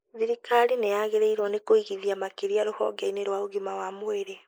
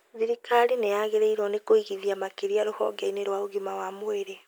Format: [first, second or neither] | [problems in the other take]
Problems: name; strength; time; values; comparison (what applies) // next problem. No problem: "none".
second | noise reduction (neural mask model Resemble Enhance denoiser)